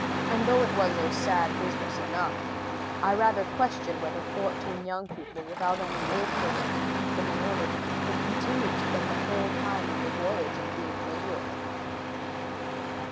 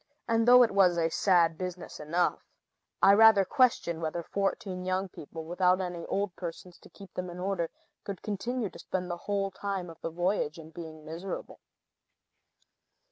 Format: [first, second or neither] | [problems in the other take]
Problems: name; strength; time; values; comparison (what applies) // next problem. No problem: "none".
second | background sound (Engine starting); 1 dB above the speech